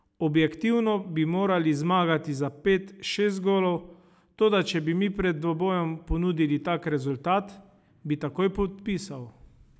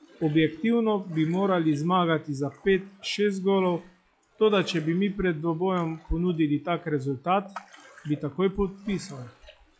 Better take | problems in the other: first | noise reduction (classical method log-MMSE)

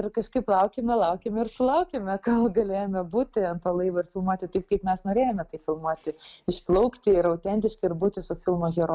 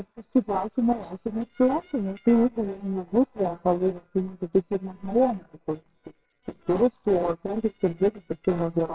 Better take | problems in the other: first | noise reduction (neural separator model SepFormer WHAMR!)

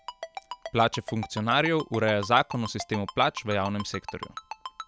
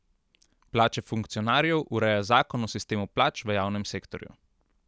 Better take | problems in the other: second | background sound (Ringtone); 12 dB below the speech

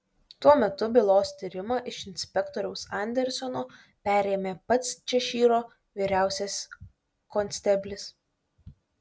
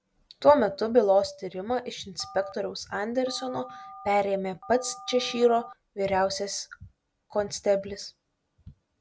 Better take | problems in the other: first | background sound (Telephone); 18 dB below the speech

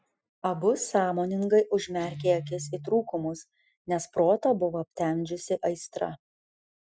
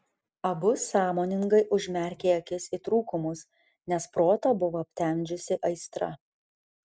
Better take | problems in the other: second | noise reduction (classical method Wiener filter)

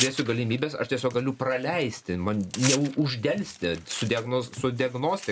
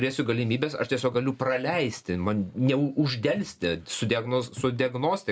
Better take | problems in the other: second | background sound (Tearing); 10 dB below the speech

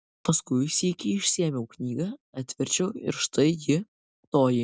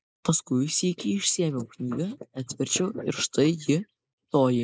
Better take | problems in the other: first | noise reduction (neural mask model Resemble Enhance denoiser)

